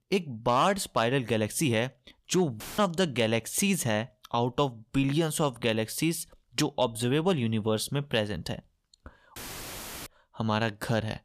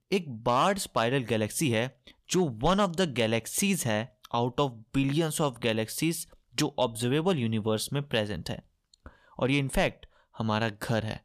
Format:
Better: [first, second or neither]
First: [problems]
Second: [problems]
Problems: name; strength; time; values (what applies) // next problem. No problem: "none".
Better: second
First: audio cutting out; filled with static; at 2.5 s and at 9.5 s for 0.5 s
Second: none